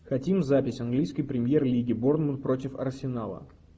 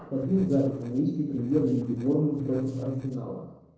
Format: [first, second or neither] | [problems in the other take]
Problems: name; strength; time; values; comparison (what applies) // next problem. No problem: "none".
first | noise reduction (neural separator model SepFormer DNS4)